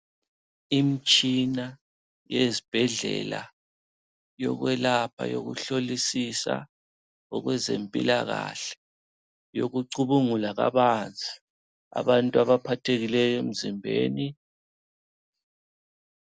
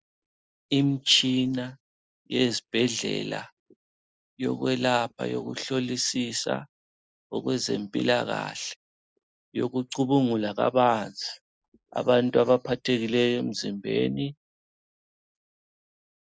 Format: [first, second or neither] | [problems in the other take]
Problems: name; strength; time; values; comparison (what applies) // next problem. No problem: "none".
first | noise reduction (neural mask model Resemble Enhance denoiser)